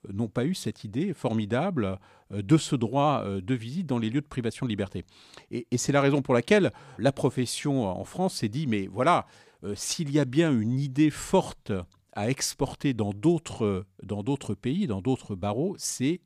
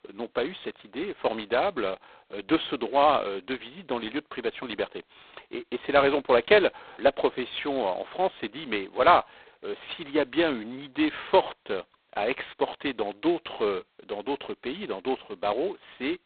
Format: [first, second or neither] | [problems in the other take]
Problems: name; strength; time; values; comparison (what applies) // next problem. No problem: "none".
first | phone-call audio; poor line; nothing above 4 kHz